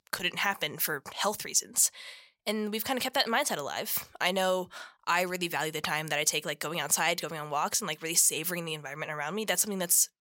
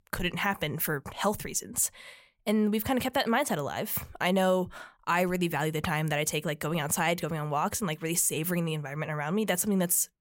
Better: second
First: thin; very slightly; fading below 1 kHz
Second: none

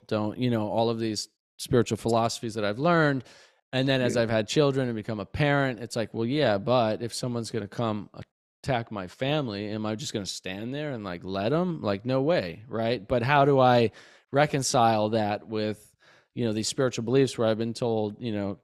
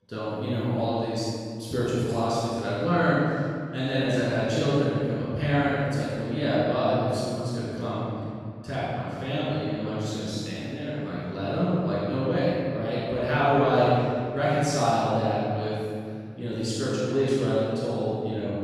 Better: first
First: none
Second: room echo; strong; dies away in 2.2 s // off-mic speech; far

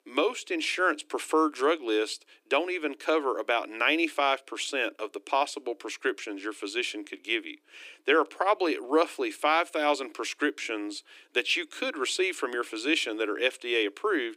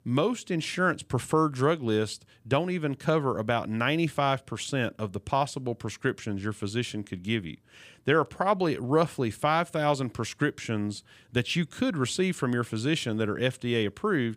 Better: second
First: thin; somewhat; fading below 300 Hz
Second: none

